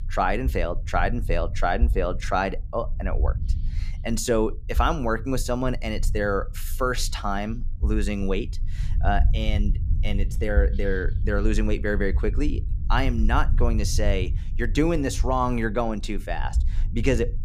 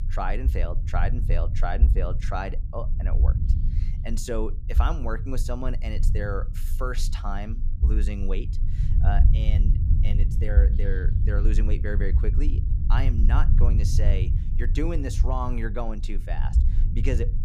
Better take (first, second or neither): first